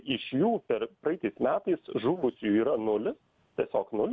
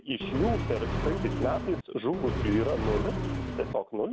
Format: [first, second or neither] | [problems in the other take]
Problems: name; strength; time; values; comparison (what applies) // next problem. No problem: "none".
first | background sound (Accelerating, revving, vroom); as loud as the speech